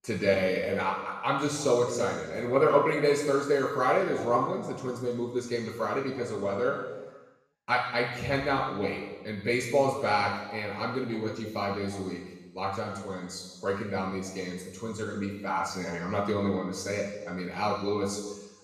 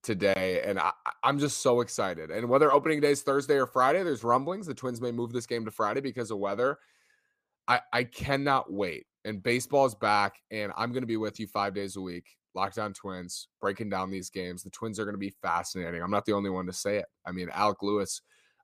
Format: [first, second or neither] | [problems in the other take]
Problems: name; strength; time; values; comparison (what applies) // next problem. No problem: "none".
second | room echo; noticeable; dies away in 1.2 s // off-mic speech; far